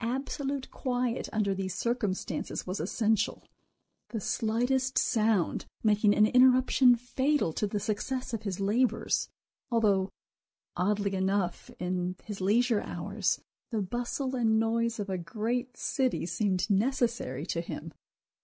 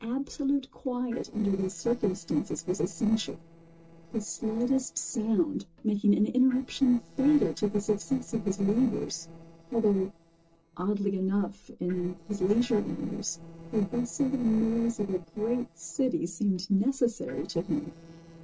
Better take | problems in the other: first | noise reduction (neural separator model SepFormer DNS4)

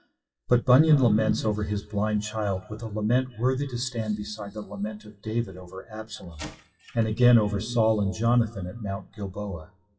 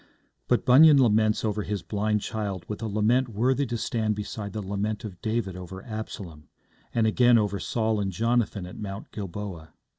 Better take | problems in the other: second | noise reduction (classical method WPE with log-MMSE)

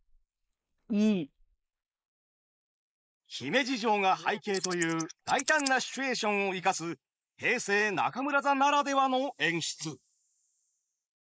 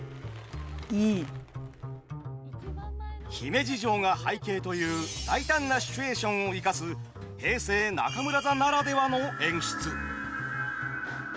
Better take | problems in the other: second | noise reduction (neural mask model Resemble Enhance denoiser)

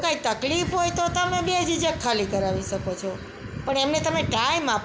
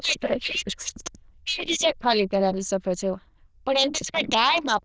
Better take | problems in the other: first | noise reduction (neural diffusion model UNIVERSE++)

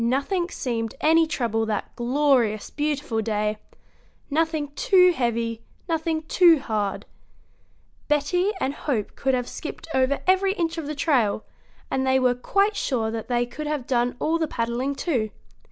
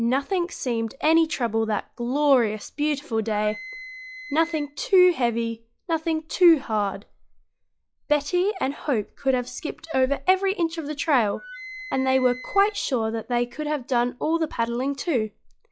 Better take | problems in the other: first | noise reduction (classical method log-MMSE)

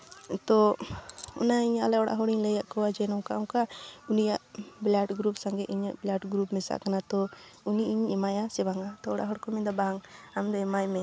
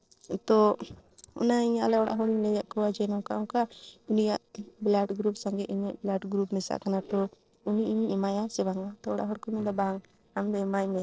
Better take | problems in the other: first | noise reduction (neural separator model SepFormer DNS4)

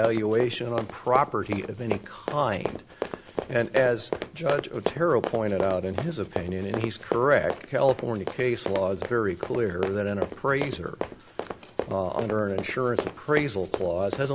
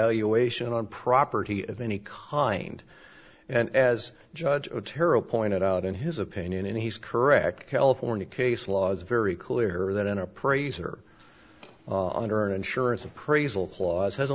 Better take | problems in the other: second | background sound (Run); 8 dB below the speech

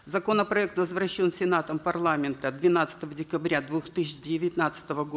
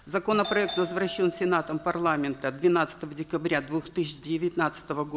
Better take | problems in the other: first | background sound (Doorbell); 16 dB below the speech

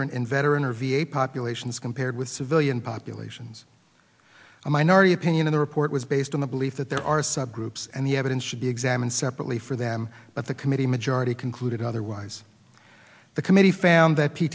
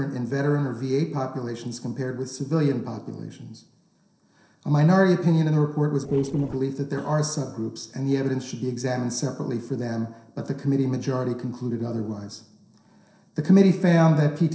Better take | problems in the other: first | noise reduction (neural separator model SepFormer DNS4)

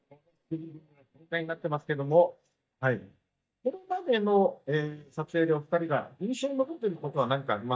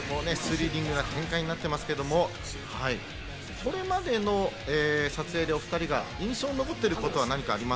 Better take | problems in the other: second | noise reduction (neural mask model DeepFilterNet 3)

